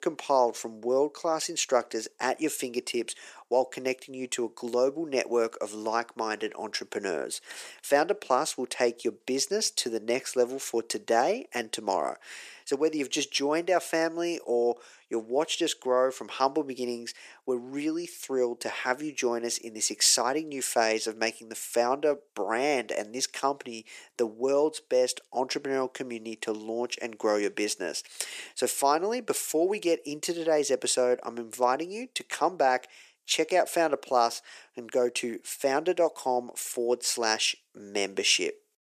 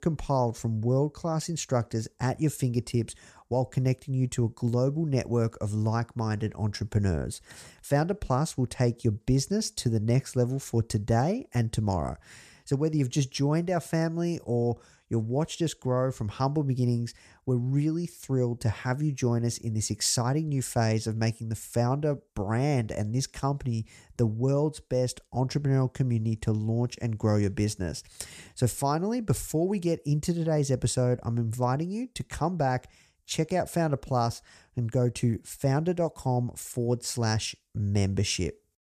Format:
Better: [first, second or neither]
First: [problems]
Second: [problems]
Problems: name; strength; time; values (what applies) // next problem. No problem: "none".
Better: second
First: thin; very; fading below 350 Hz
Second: none